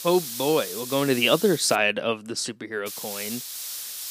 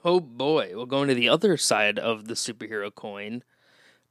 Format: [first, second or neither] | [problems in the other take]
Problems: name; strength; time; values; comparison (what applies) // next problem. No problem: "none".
second | hiss; loud; until 2 s and from 3 s on; 9 dB below the speech